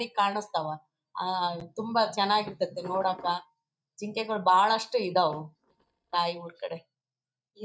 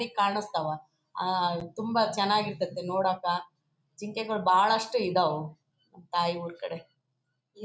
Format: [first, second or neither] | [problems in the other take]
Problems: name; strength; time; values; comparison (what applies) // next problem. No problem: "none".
second | noise reduction (neural mask model DeepFilterNet 3)